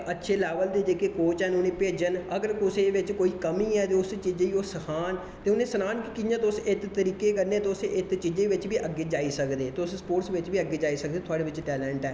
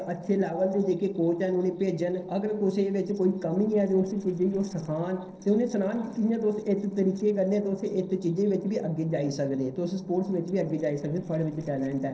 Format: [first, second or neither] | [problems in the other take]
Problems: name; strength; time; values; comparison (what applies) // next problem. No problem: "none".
first | noise reduction (neural separator model SepFormer DNS4)